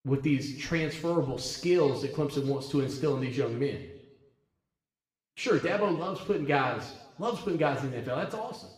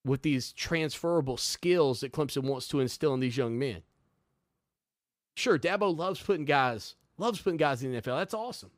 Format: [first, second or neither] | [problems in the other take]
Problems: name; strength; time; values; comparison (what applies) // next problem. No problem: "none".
second | room echo; noticeable; dies away in 1 s // off-mic speech; far